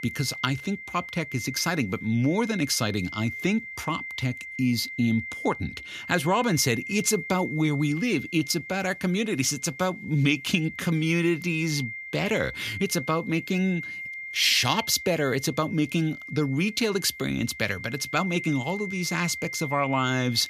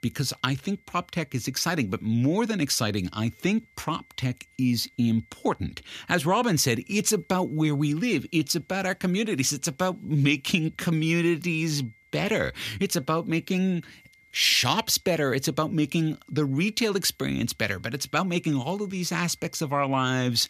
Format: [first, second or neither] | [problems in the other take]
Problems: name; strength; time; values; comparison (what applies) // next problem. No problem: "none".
second | high-pitched whine; loud; throughout; 2 kHz, 10 dB below the speech; faint in the second